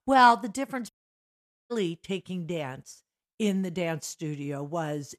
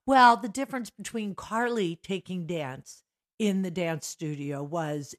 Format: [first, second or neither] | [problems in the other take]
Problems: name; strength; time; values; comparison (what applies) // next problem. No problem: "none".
second | audio cutting out; at 1 s for 1 s